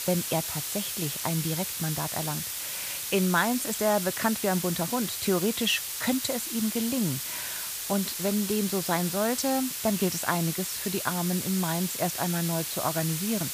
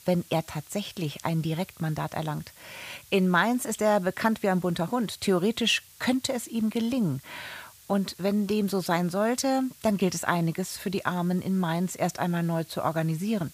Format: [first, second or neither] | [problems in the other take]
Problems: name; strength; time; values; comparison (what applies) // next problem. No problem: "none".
second | hiss; loud; throughout; 2 dB below the speech; faint in the second